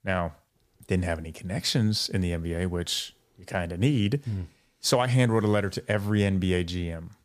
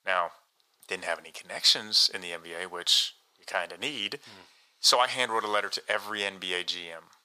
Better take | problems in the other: first | thin; very; fading below 750 Hz

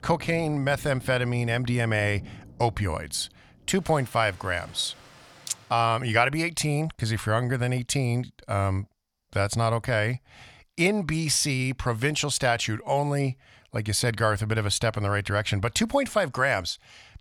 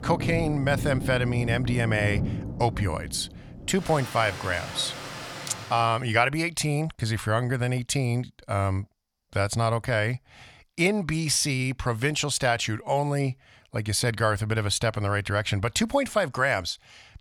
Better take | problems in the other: first | rain or running water; loud; until 5.5 s; 8 dB below the speech; faint in the first

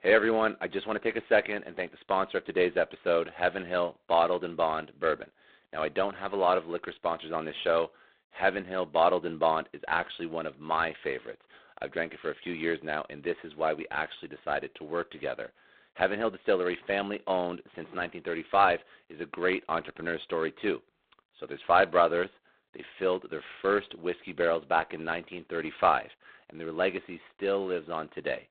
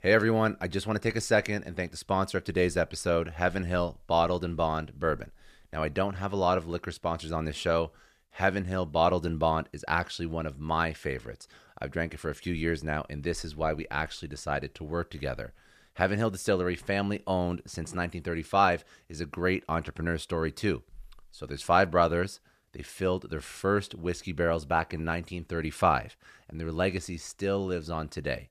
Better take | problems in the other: second | phone-call audio; poor line; nothing above 4 kHz

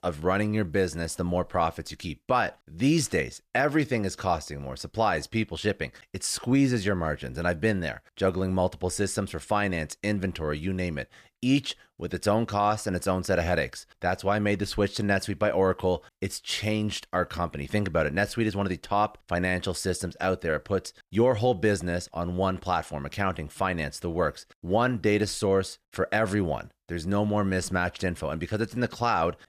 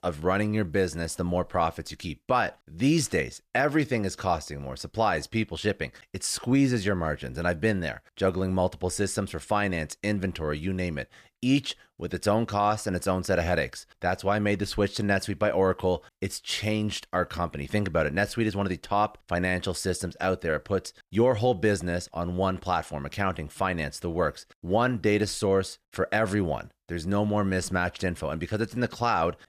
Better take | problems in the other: neither | none

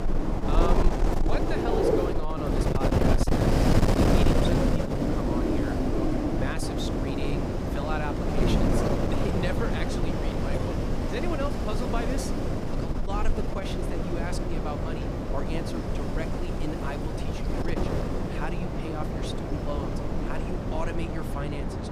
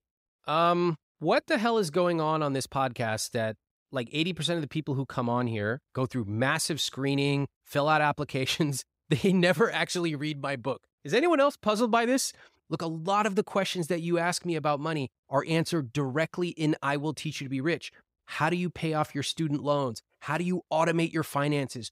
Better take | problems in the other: second | wind noise on the microphone; heavy; 5 dB above the speech

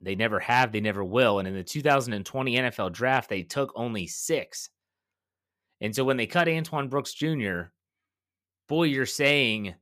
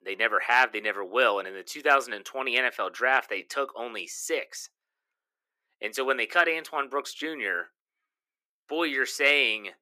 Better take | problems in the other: first | thin; very; fading below 300 Hz

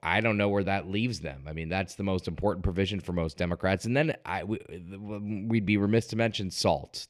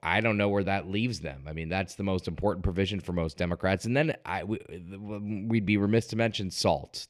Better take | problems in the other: neither | none

